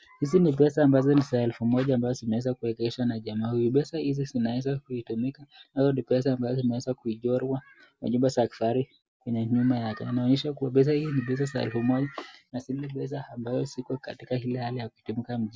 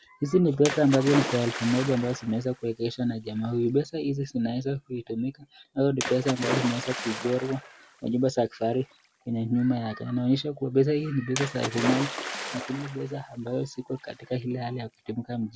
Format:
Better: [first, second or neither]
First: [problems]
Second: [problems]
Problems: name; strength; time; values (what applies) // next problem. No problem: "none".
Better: first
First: none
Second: background sound (Splash, splatter); 10 dB below the speech